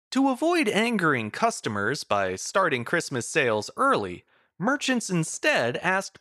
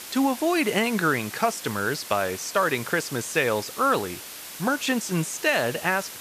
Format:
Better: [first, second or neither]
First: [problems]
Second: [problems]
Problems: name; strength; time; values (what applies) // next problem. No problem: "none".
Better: first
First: none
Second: hiss; noticeable; throughout; 10 dB below the speech